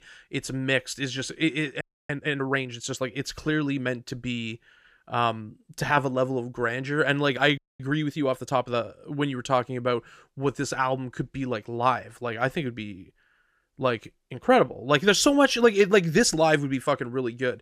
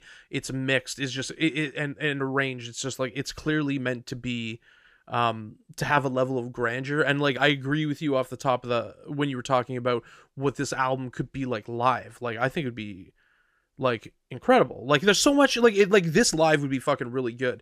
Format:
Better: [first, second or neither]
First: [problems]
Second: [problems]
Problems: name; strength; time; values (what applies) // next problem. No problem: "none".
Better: second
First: audio freezing; at 2 s and at 7.5 s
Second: none